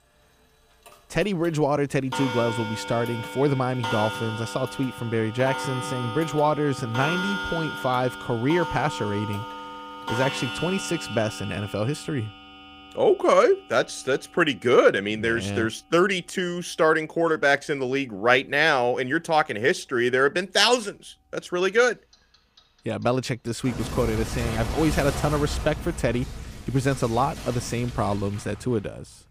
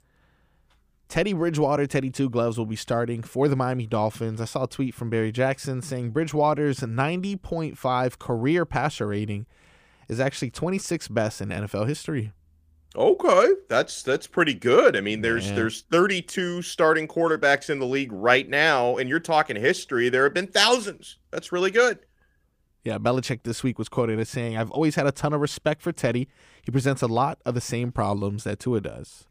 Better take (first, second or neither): second